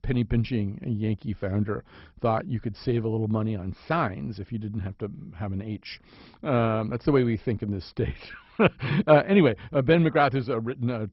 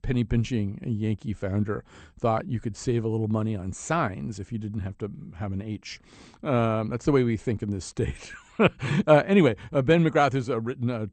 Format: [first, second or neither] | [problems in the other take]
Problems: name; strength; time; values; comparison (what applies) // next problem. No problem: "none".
second | garbled, watery; badly; nothing above 5.5 kHz; slightly in the second